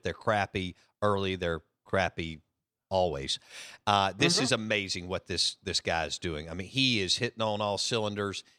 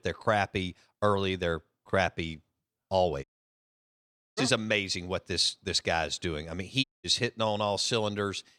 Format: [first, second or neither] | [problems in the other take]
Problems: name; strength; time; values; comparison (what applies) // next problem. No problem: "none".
first | audio cutting out; at 3 s for 1 s and at 7 s